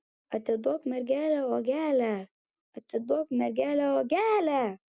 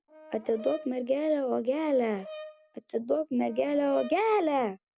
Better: first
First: none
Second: background sound (Brass instrument); 19 dB below the speech

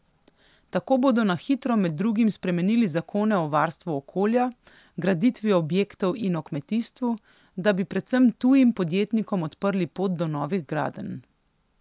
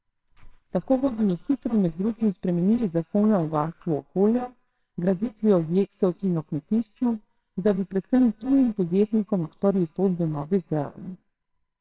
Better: first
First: none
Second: noise reduction (neural separator model SepFormer WHAMR!)

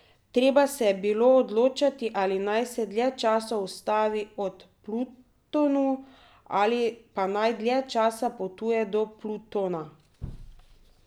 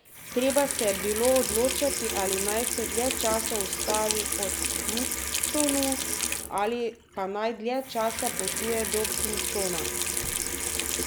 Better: first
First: none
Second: background sound (Sink (filling or washing) / Water tap, faucet); 1 dB below the speech

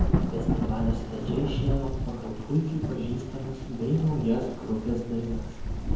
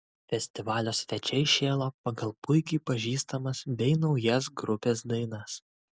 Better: second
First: background sound (Thunder / Rain); 1 dB above the speech // room echo; dies away in 0.9 s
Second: none

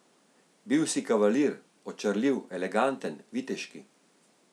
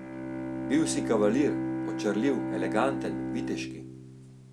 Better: first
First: none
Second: background sound (Bowed string instrument); 2 dB below the speech

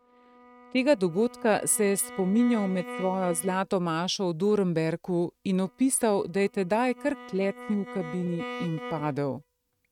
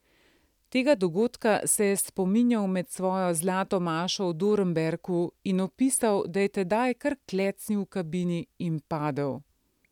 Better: second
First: noise reduction (neural mask model RNNoise)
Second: none

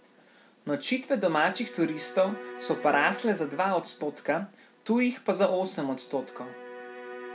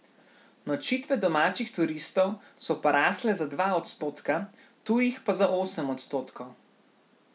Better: second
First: background sound (Bowed string instrument); 15 dB below the speech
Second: none

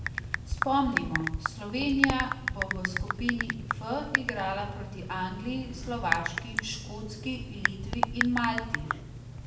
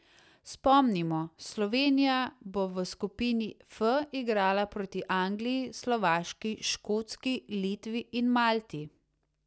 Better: second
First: background sound (Typing); as loud as the speech // room echo; dies away in 0.8 s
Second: none

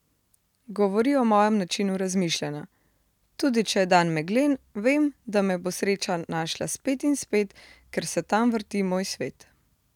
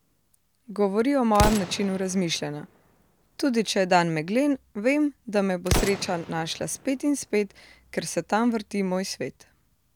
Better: first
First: none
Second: background sound (Explosion); 9 dB below the speech

